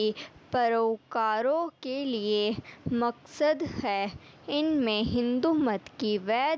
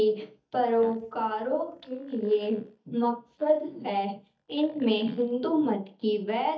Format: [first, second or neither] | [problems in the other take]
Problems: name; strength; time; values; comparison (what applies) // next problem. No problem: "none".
first | noise reduction (neural mask model DeepFilterNet 3)